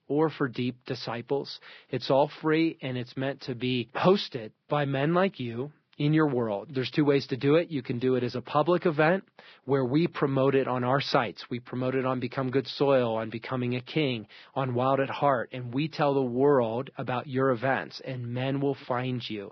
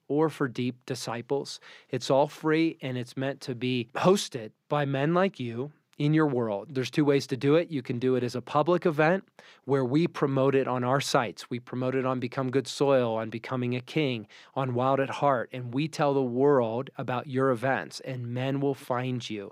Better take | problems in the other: second | garbled, watery; badly; nothing above 5.5 kHz

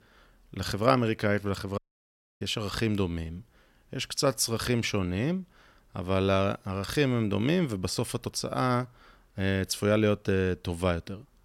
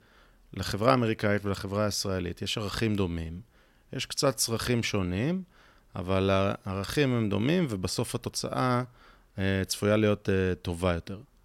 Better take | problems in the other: second | audio cutting out; at 2 s for 0.5 s

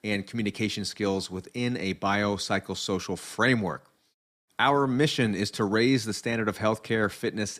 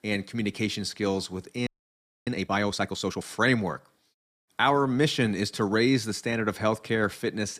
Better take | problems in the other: first | audio freezing; at 1.5 s for 0.5 s

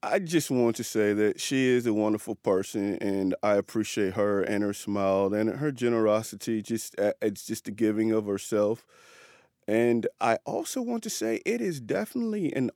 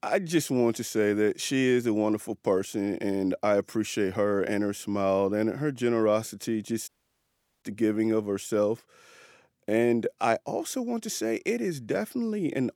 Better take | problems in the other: first | audio cutting out; at 7 s for 1 s

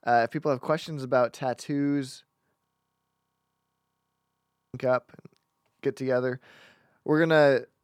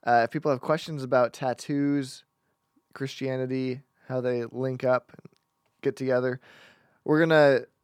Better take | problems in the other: second | audio freezing; at 2.5 s for 2 s

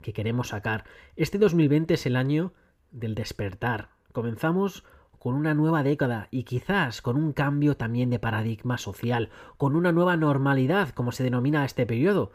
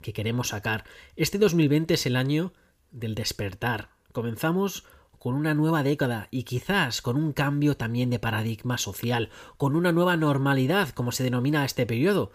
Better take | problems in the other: second | muffled; slightly; fading above 3 kHz

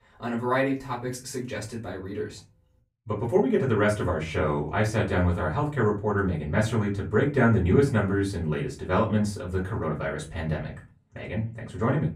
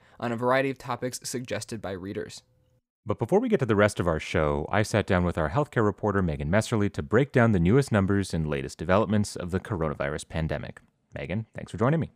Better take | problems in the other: second | off-mic speech; far // room echo; very slight; dies away in 0.3 s

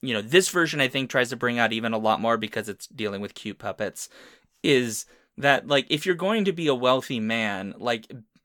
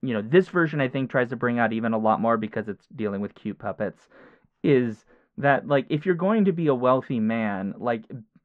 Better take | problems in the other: first | muffled; very; fading above 1.5 kHz

